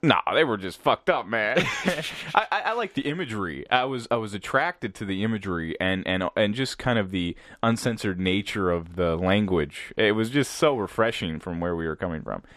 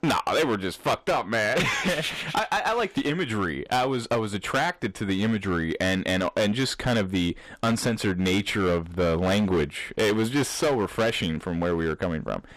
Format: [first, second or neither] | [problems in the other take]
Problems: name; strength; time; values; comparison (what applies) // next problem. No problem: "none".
first | distortion; heavy; 13% of the sound clipped